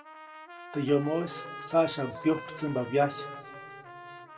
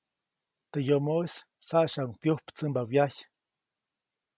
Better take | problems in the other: second | background sound (Trumpet); 13 dB below the speech // room echo; dies away in 1.8 s

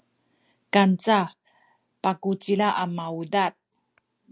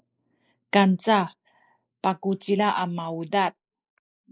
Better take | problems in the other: first | noise reduction (neural mask model Resemble Enhance denoiser)

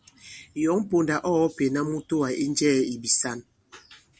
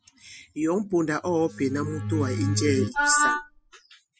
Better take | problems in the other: first | noise reduction (classical method spectral subtraction)

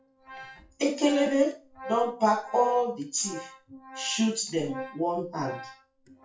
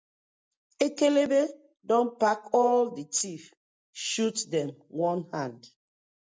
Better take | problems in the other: second | noise reduction (classical method WPE with log-MMSE)

